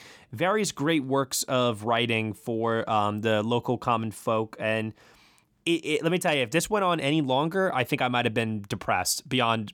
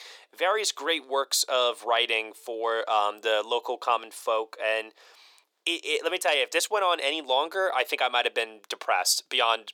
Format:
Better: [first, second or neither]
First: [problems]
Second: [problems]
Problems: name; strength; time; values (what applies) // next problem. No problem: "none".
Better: first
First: none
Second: thin; very; fading below 450 Hz